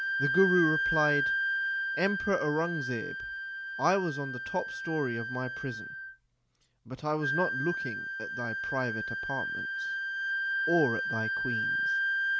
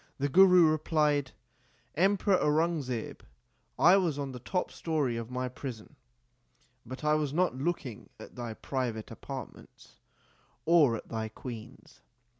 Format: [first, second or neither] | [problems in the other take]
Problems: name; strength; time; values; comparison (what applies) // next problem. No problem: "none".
second | background sound (Wind instrument, woodwind instrument); as loud as the speech